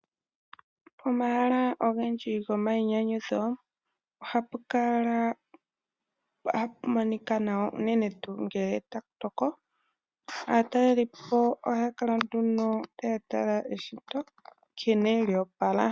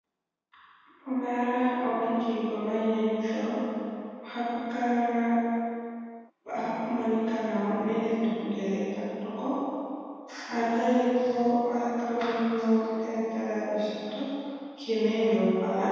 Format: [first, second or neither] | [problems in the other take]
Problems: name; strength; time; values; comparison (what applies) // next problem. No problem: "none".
first | room echo; dies away in 2.1 s